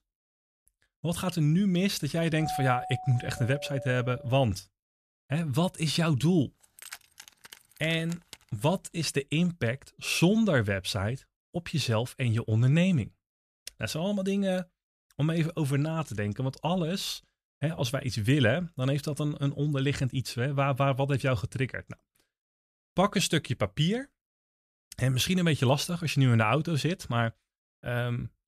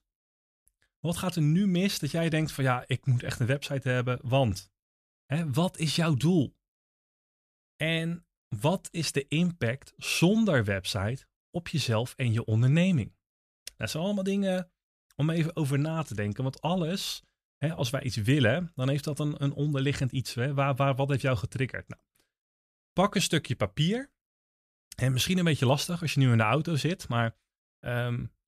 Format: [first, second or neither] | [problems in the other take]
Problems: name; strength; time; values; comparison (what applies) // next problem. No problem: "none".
second | doorbell; noticeable; from 2.5 to 4.5 s; peak 6 dB below the speech // jangling keys; faint; from 6.5 to 8.5 s; peak 15 dB below the speech